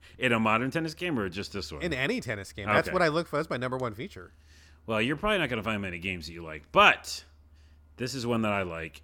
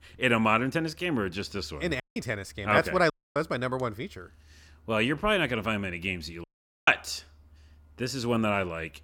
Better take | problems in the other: first | audio cutting out; at 2 s, at 3 s and at 6.5 s

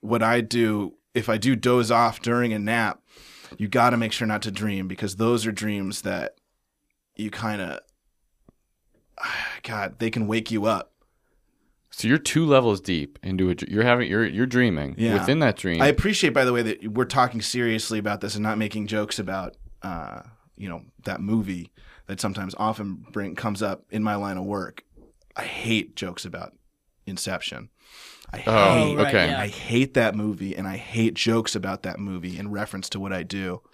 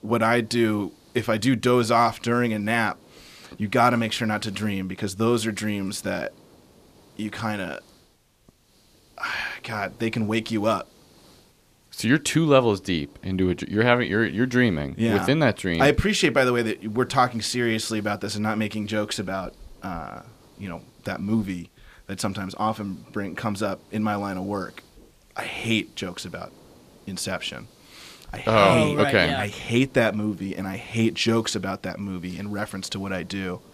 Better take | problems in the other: first | hiss; faint; throughout; 30 dB below the speech

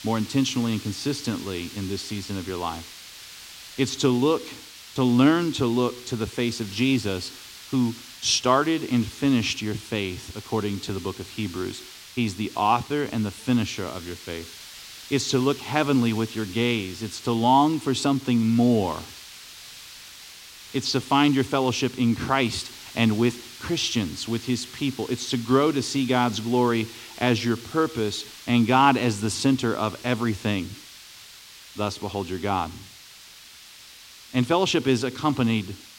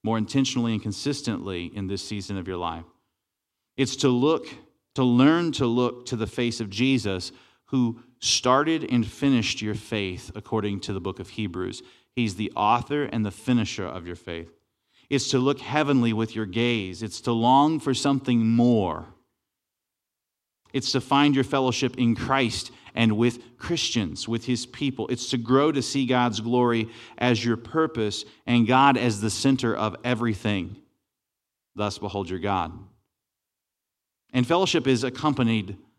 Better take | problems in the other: second | hiss; noticeable; throughout; 15 dB below the speech

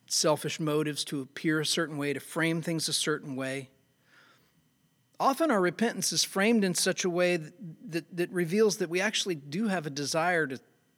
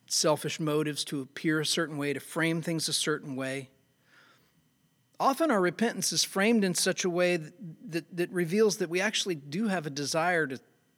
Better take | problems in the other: neither | none

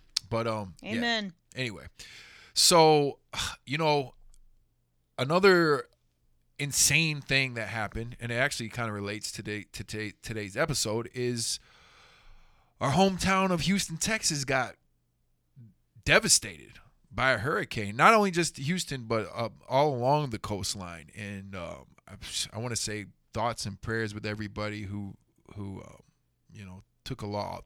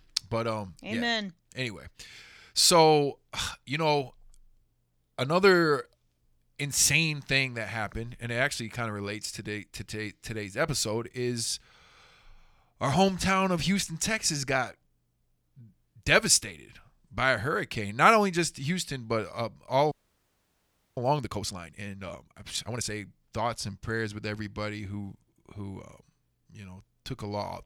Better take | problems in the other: first | audio freezing; at 20 s for 1 s

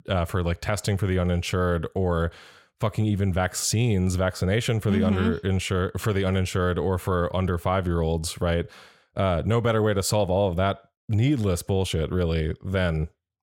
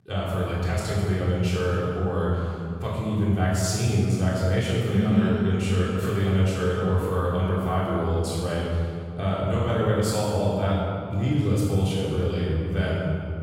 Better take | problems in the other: first | room echo; strong; dies away in 1.9 s // off-mic speech; far

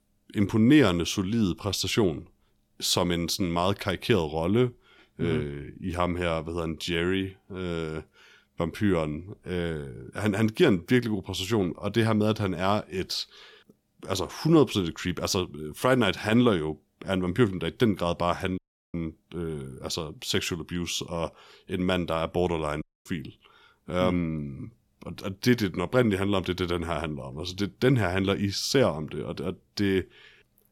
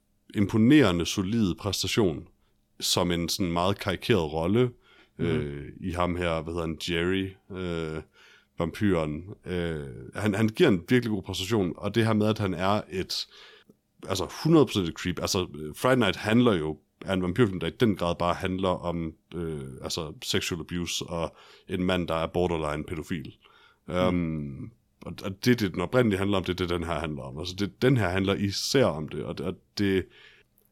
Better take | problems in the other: second | audio cutting out; at 19 s and at 23 s

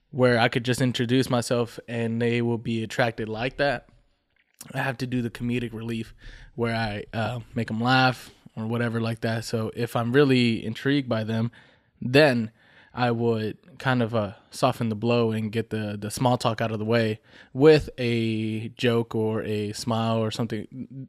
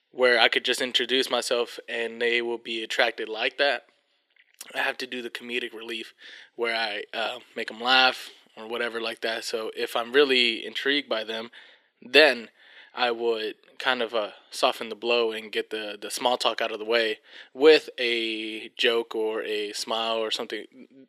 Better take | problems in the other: first | thin; somewhat; fading below 350 Hz

